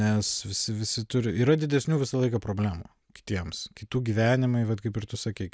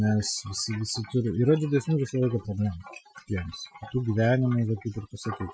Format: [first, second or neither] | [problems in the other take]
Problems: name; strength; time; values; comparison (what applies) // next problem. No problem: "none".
first | noise reduction (classical method Wiener filter)